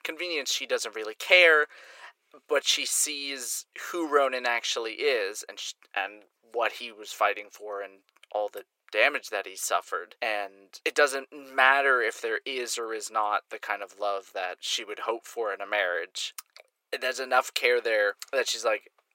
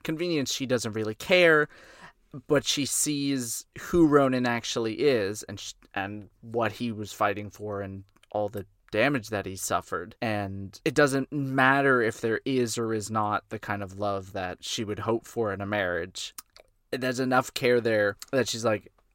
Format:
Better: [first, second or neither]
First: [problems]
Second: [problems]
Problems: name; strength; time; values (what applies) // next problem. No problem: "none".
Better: second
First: thin; very; fading below 450 Hz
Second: none